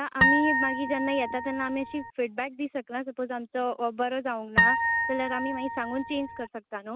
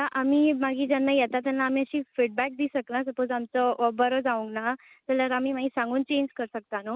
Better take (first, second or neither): second